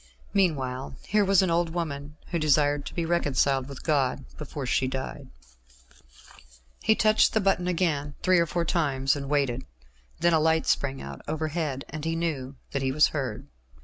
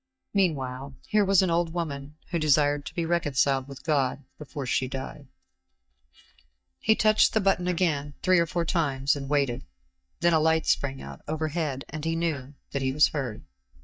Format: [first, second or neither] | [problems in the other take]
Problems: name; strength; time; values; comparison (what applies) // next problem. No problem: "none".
first | noise reduction (neural mask model DeepFilterNet 3)